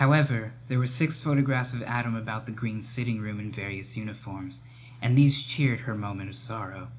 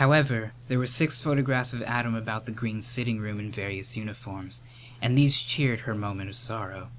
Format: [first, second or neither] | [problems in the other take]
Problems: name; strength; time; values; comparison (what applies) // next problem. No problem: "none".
second | room echo; dies away in 0.4 s